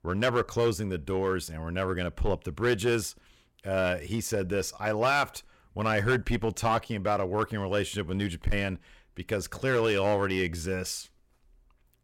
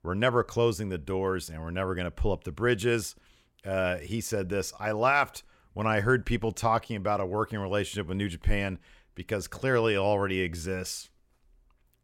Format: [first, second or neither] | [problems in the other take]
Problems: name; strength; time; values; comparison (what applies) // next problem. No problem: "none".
second | distortion; slight; 5% of the sound clipped